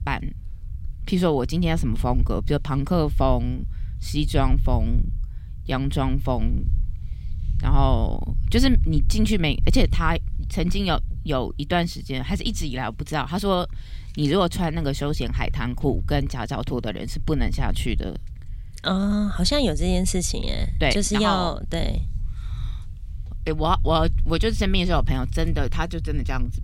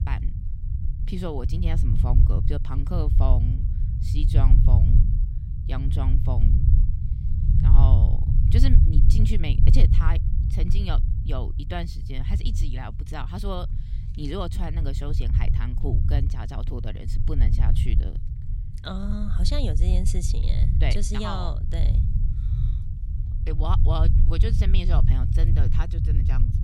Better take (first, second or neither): first